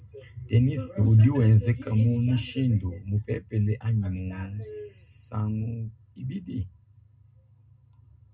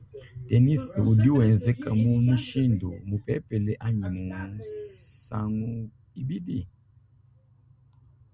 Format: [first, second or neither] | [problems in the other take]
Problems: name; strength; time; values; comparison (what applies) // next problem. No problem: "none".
second | room echo; dies away in 0.2 s